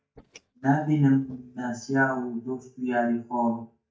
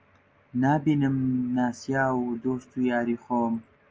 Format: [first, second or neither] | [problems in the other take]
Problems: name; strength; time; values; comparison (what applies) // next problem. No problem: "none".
second | noise reduction (neural mask model DeepFilterNet 3)